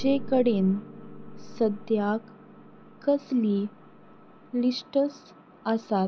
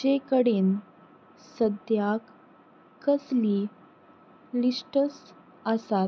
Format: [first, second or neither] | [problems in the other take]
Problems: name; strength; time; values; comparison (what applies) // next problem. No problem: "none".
second | background sound (Piano); 14 dB below the speech